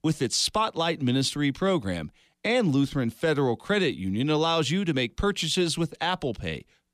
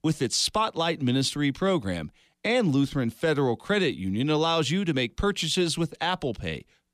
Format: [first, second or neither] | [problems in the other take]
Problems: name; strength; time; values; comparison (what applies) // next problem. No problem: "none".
neither | none